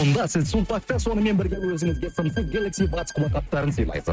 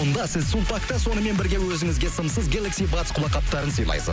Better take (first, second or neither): second